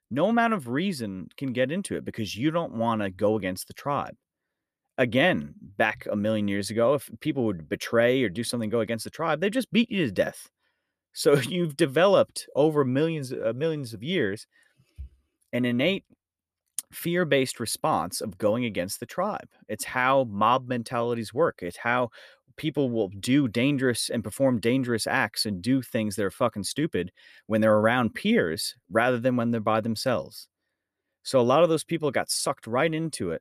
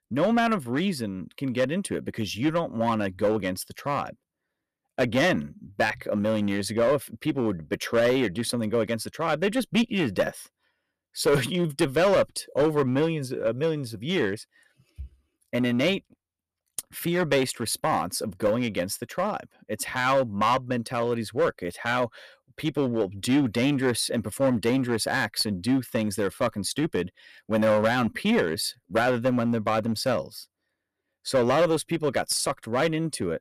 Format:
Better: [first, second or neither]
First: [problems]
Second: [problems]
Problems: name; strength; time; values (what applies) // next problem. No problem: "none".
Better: first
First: none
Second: distortion; slight; 5% of the sound clipped